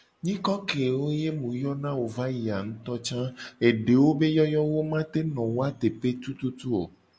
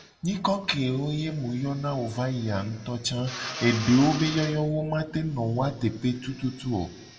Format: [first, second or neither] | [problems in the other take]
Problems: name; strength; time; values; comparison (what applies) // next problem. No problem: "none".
first | background sound (Drill); 15 dB below the speech // room echo; dies away in 0.5 s